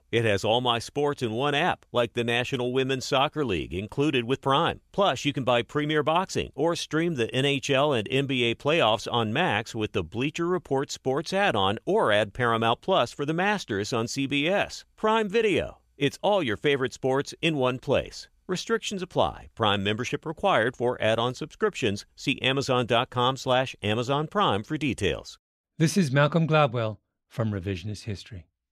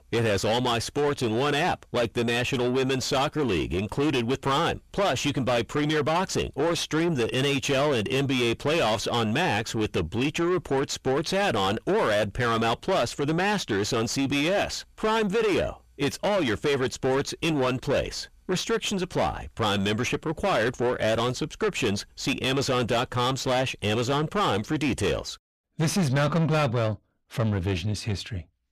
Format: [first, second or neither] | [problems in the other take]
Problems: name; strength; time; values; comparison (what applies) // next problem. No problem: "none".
first | distortion; heavy; 6 dB below the speech